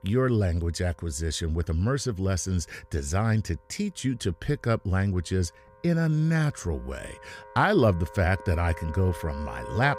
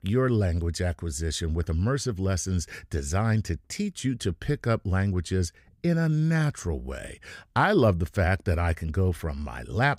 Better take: second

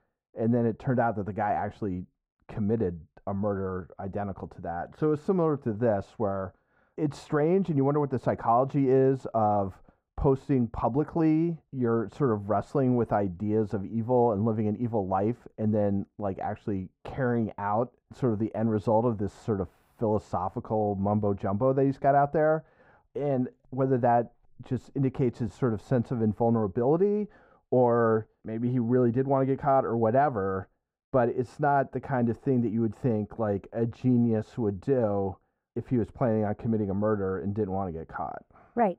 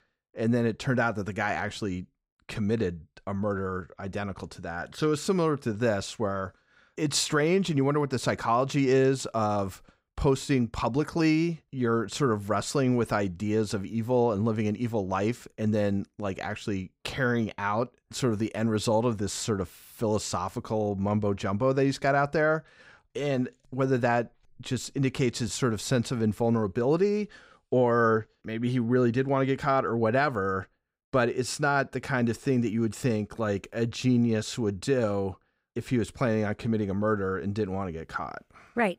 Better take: second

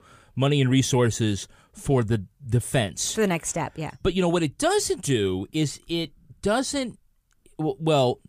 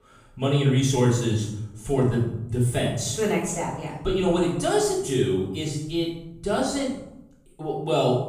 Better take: first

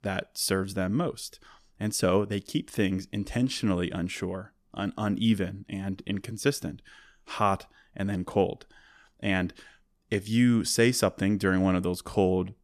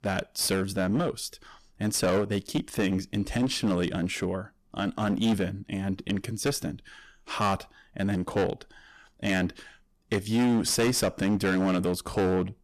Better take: first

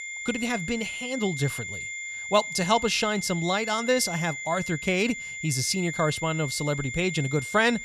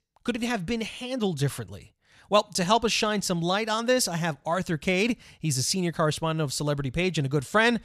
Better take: second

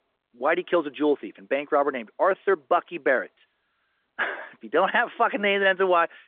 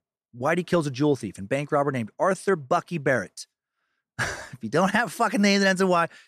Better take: second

